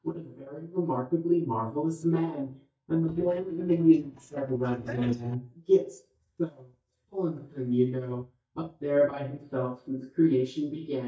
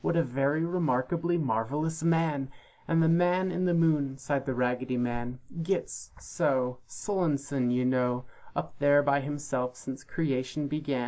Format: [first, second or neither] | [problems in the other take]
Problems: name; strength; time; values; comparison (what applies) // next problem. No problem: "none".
second | noise reduction (neural mask model DeepFilterNet 3)